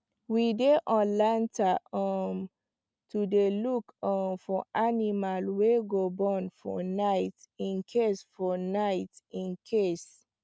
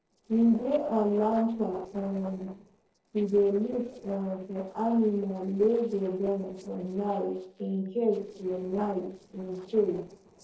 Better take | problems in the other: first | noise reduction (neural separator model SepFormer DNS4)

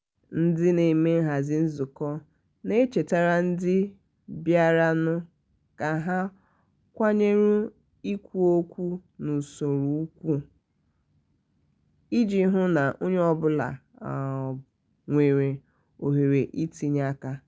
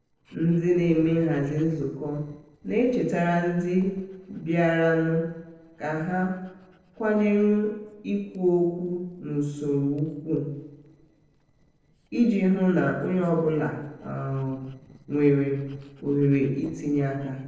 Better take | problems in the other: first | noise reduction (neural separator model SepFormer DNS4)

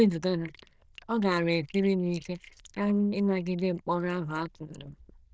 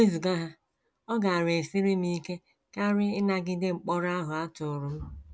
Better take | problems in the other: second | noise reduction (neural diffusion model UNIVERSE++)

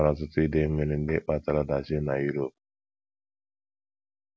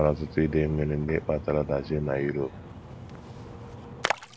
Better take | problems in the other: first | background sound (Splash, splatter); 10 dB below the speech

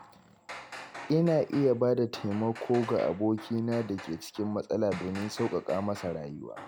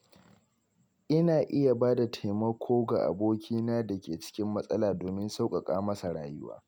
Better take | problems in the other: second | background sound (Hammer); 16 dB below the speech

